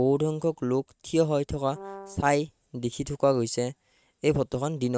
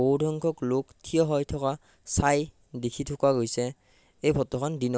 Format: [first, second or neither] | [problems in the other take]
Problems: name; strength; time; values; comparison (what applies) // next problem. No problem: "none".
second | noise reduction (neural mask model RNNoise)